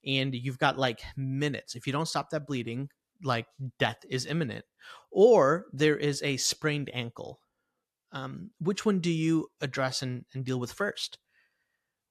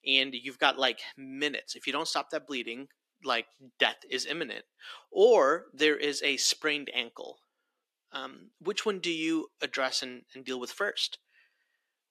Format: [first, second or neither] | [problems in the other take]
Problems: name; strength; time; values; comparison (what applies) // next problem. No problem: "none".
first | thin; somewhat; fading below 300 Hz